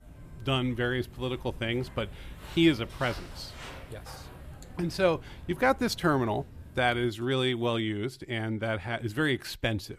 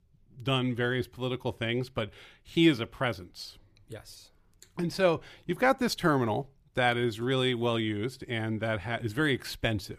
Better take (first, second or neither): second